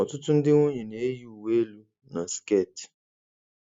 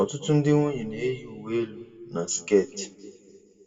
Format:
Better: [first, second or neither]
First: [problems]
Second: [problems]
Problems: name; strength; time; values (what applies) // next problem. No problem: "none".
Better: first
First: none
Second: room echo; dies away in 1.4 s